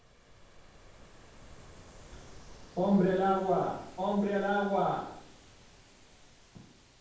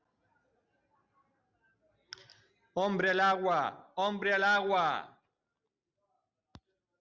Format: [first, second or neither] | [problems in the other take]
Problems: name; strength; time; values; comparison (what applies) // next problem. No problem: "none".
second | background sound (Ocean); 19 dB below the speech // room echo; dies away in 0.9 s